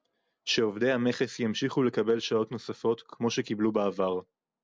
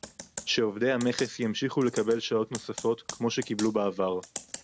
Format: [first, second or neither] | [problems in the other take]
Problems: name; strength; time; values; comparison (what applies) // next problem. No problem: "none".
first | background sound (Computer keyboard); 14 dB below the speech